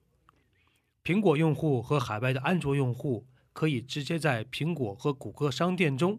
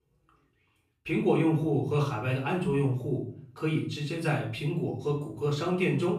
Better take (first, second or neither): first